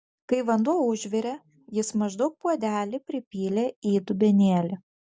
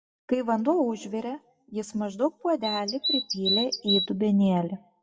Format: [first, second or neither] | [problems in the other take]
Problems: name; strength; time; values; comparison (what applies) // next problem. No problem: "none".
first | noise reduction (classical method WPE with log-MMSE)